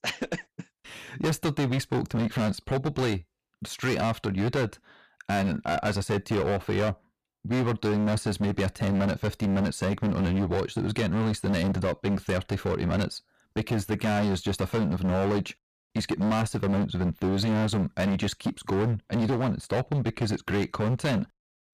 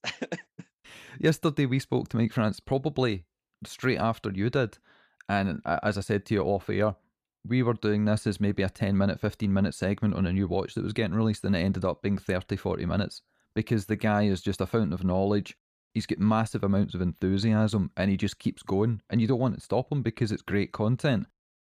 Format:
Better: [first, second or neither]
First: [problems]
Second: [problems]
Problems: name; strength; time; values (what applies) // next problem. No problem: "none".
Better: second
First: distortion; heavy; 22% of the sound clipped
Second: none